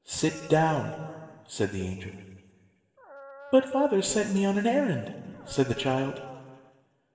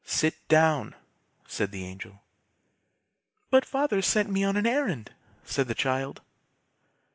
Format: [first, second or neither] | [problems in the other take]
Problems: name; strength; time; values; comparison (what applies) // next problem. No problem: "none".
second | background sound (Dog); 18 dB below the speech // room echo; dies away in 1.6 s